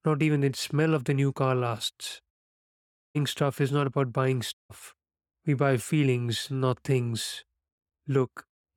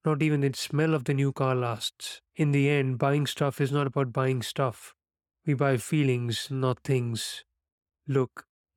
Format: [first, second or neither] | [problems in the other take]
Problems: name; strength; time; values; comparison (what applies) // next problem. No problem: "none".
second | audio cutting out; at 2.5 s for 1 s and at 4.5 s